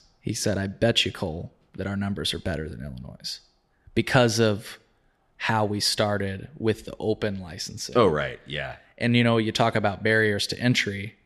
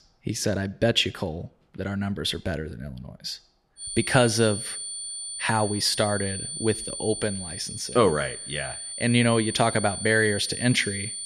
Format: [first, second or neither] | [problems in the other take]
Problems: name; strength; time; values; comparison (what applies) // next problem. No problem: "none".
first | high-pitched whine; loud; from 4 s on; 9 kHz, 7 dB below the speech